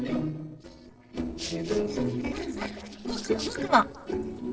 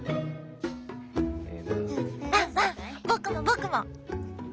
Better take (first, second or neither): second